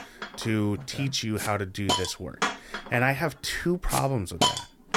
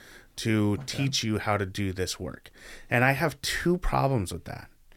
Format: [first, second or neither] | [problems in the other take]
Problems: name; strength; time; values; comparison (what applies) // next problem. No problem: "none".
second | hiss; loud; throughout; 2 dB below the speech